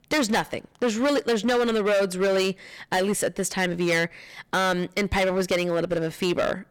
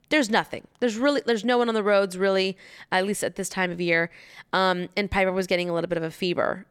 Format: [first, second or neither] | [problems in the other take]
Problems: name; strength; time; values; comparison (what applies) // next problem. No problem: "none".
second | distortion; heavy; 13% of the sound clipped